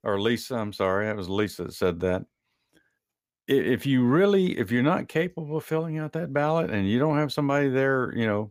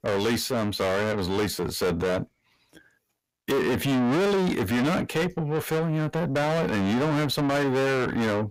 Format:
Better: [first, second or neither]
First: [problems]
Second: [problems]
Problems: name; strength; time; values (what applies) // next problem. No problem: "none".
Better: first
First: none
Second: distortion; heavy; 5 dB below the speech